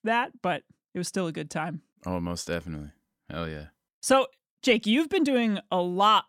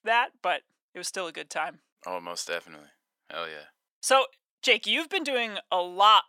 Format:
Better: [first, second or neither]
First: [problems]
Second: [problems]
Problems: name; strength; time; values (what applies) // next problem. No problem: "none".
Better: first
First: none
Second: thin; very; fading below 650 Hz